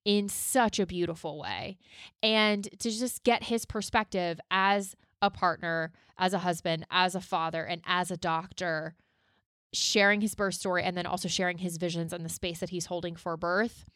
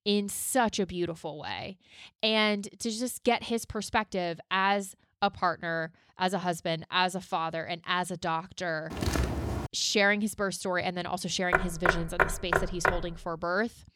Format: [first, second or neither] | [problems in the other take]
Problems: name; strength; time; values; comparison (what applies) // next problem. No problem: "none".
first | footsteps; loud; at 9 s; peak level with the speech // door banging; loud; from 12 to 13 s; peak 3 dB above the speech